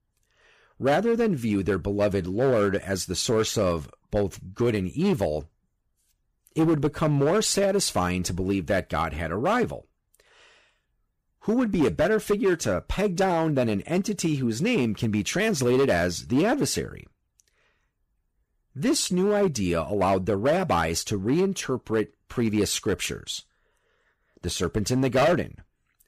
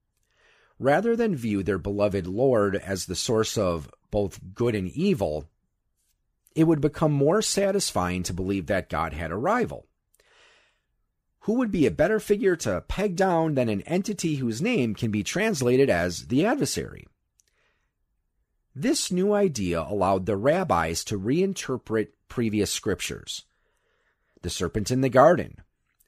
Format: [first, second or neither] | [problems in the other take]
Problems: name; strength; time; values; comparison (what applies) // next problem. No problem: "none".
second | distortion; slight; 5% of the sound clipped